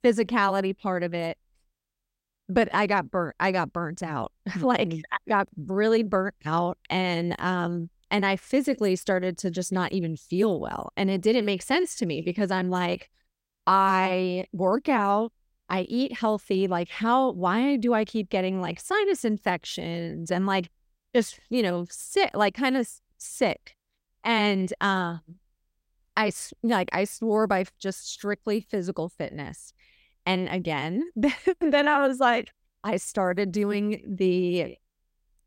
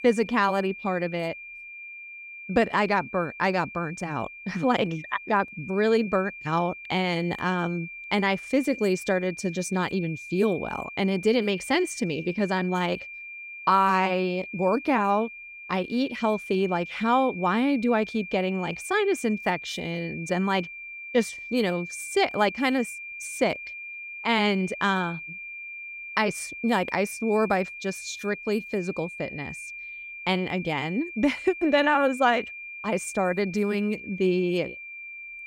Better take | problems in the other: first | high-pitched whine; noticeable; throughout; 2.5 kHz, 10 dB below the speech

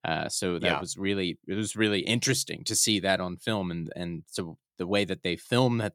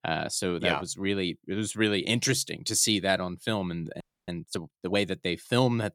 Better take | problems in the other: first | audio freezing; at 4 s

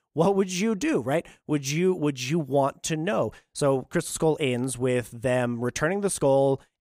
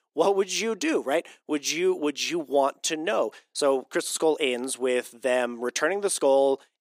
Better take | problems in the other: first | thin; somewhat; fading below 300 Hz

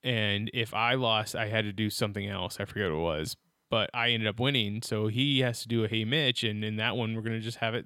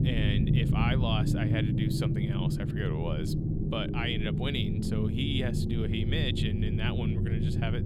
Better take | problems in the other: first | low rumble; loud; throughout; 3 dB below the speech

